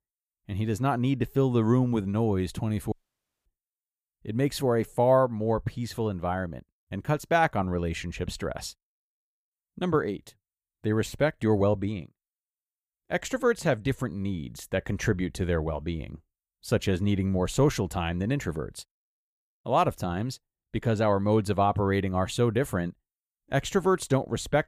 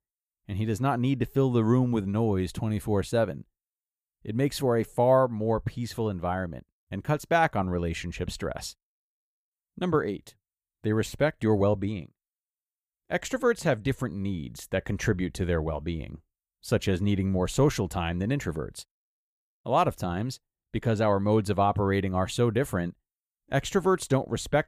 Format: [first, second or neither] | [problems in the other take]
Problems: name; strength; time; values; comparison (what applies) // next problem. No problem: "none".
second | audio cutting out; at 3 s for 0.5 s